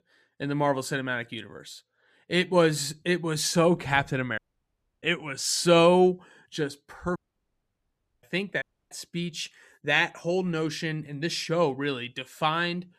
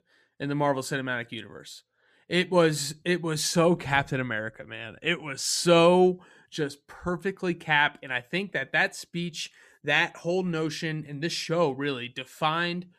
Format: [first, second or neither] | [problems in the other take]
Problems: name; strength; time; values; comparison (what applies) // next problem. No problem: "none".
second | audio cutting out; at 4.5 s for 0.5 s, at 7 s for 1 s and at 8.5 s